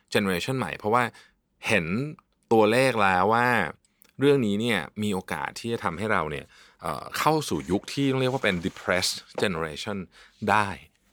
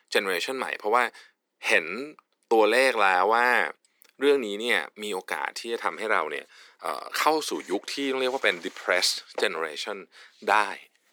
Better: first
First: none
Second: thin; somewhat; fading below 300 Hz

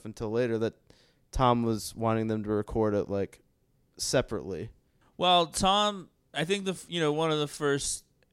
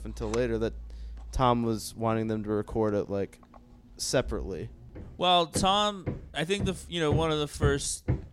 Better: first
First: none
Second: machinery noise; loud; throughout; 9 dB below the speech

